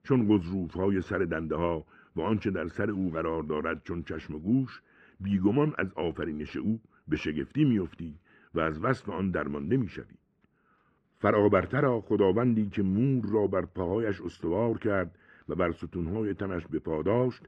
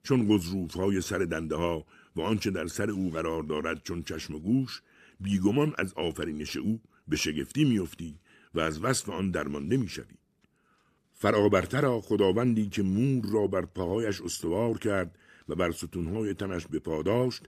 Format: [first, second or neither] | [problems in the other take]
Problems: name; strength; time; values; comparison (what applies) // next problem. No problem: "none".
second | muffled; very; fading above 1.5 kHz